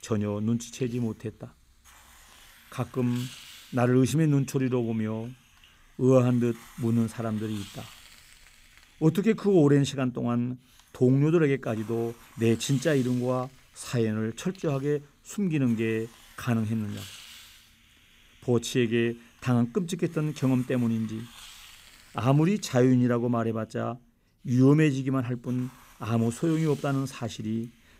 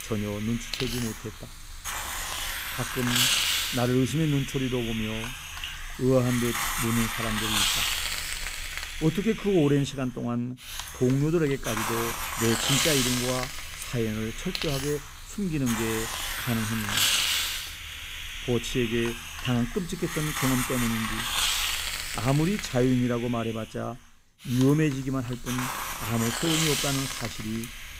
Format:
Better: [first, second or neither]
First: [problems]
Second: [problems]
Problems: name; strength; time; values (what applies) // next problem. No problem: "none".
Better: first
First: hiss; faint; throughout; 25 dB below the speech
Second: hiss; loud; throughout; as loud as the speech